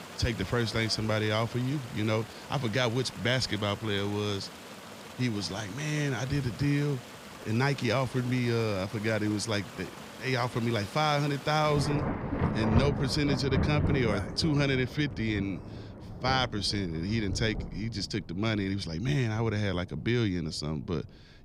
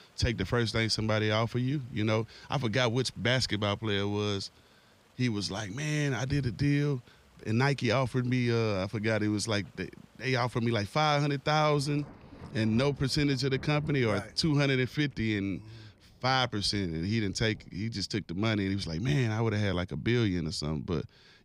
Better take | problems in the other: second | rain or running water; loud; throughout; 8 dB below the speech; faint in the second

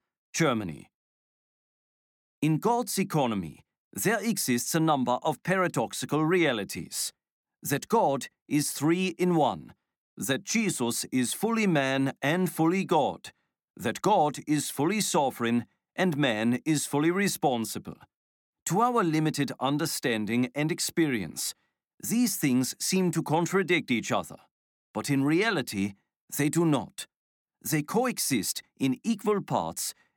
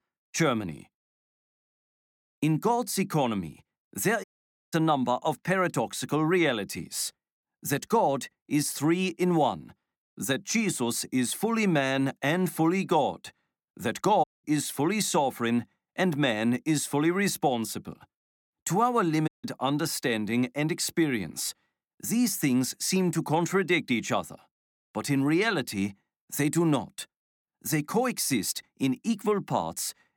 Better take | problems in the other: first | audio cutting out; at 4 s, at 14 s and at 19 s

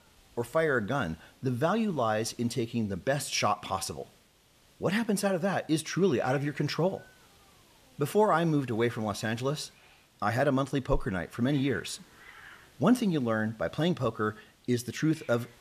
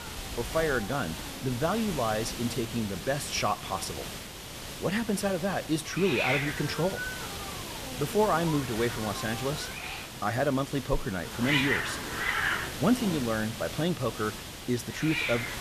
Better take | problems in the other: first | hiss; loud; throughout; 4 dB below the speech; faint in the first

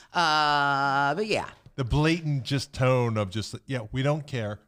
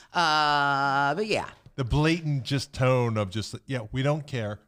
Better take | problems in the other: neither | none

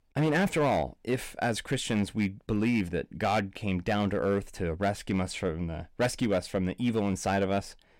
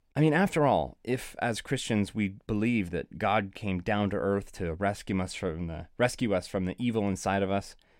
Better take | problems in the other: second | distortion; slight; 6% of the sound clipped

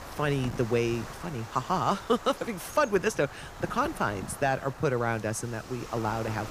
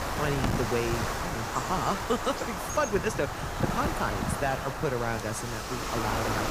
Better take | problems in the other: first | wind noise on the microphone; heavy; 1 dB below the speech; occasional gusts in the first

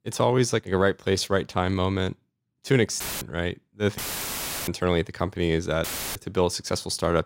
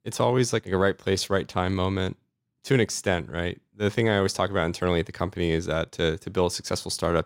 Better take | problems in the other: second | audio cutting out; filled with static; at 3 s, at 4 s for 0.5 s and at 6 s

